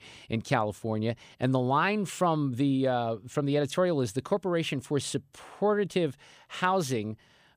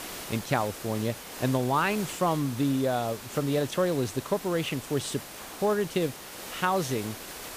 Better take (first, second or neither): first